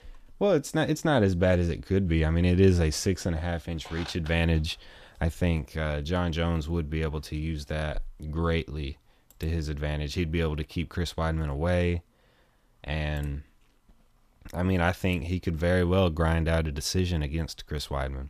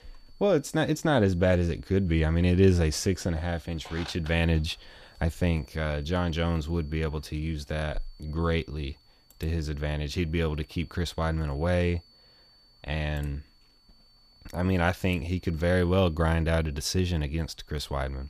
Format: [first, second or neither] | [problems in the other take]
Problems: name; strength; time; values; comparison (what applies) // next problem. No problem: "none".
first | high-pitched whine; faint; throughout; 4.5 kHz, 30 dB below the speech